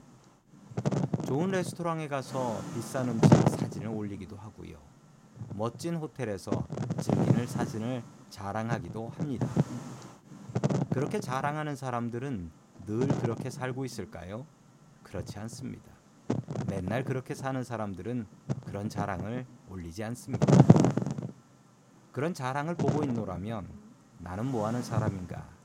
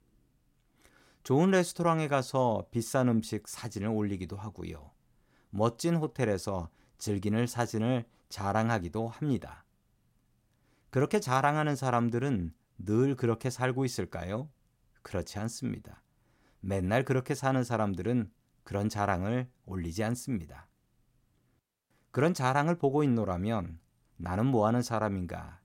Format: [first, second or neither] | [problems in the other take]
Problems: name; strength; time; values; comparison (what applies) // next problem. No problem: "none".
second | wind noise on the microphone; heavy; 2 dB above the speech